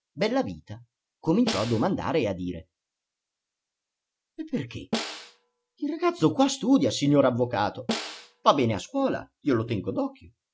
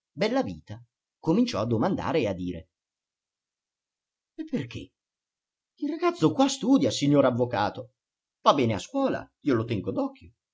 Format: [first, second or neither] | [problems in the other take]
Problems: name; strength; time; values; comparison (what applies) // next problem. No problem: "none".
second | background sound (Snare drum); 9 dB below the speech